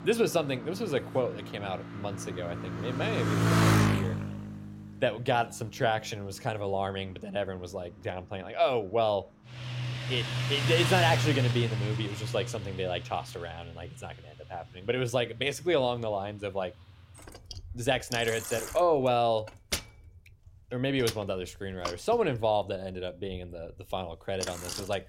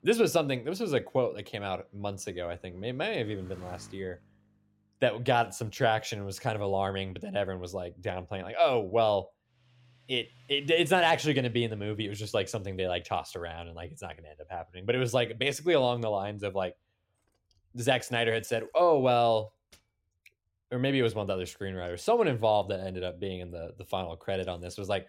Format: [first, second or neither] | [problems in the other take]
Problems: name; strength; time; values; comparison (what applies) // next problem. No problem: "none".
second | traffic noise; loud; throughout; 1 dB below the speech; faint in the second